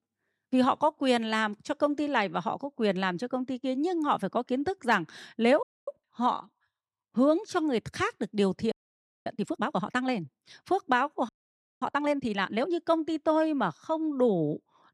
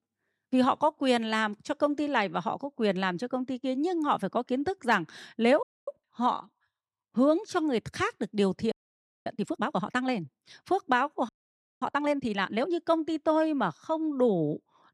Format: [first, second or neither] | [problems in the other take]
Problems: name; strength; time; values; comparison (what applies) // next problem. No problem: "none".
neither | audio freezing; at 5.5 s, at 8.5 s for 0.5 s and at 11 s for 0.5 s; the same in both